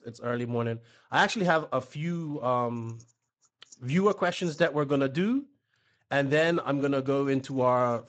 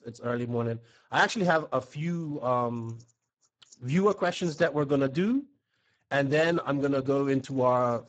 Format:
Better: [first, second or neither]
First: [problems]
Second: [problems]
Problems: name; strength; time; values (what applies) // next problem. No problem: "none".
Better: first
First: garbled, watery; slightly; nothing above 7.5 kHz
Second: garbled, watery; badly; nothing above 7.5 kHz